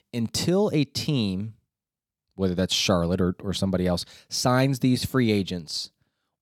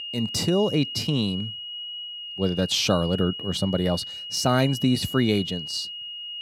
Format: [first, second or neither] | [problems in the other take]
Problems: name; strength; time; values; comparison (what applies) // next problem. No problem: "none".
first | high-pitched whine; loud; throughout; 3 kHz, 8 dB below the speech